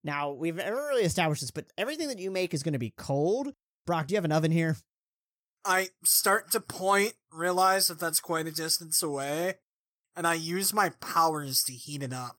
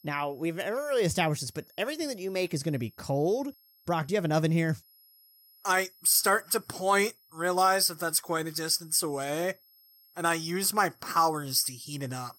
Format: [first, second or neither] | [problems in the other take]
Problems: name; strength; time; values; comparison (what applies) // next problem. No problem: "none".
first | high-pitched whine; faint; throughout; 11.5 kHz, 30 dB below the speech